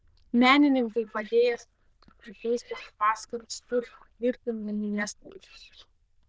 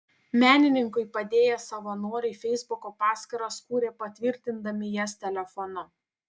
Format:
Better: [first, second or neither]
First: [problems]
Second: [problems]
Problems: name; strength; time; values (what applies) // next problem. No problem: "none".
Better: second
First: noise reduction (neural diffusion model UNIVERSE++)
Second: none